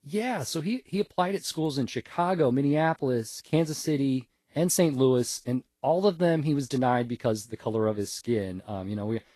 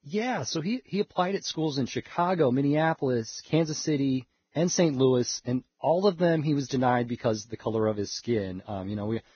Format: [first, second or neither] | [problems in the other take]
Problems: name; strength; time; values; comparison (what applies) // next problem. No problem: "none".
first | garbled, watery; badly; nothing above 6.5 kHz; slightly in the first